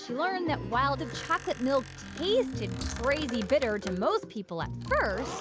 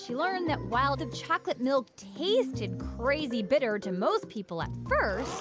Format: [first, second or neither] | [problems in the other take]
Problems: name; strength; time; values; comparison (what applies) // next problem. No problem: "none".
second | background sound (Squeak + Coin (dropping)); 15 dB below the speech